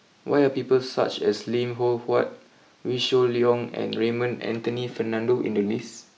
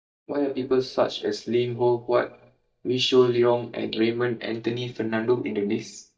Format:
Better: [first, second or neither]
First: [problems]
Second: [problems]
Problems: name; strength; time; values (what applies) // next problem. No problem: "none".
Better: first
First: none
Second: noise reduction (neural mask model DeepFilterNet 3)